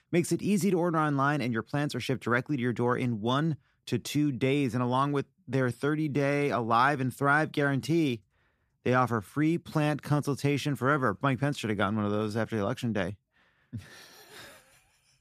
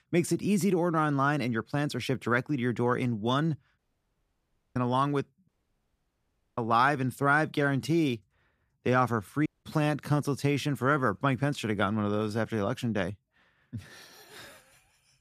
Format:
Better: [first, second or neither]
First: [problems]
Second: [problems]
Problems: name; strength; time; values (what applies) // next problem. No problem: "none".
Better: first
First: none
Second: audio cutting out; at 4 s for 1 s, at 5.5 s for 1 s and at 9.5 s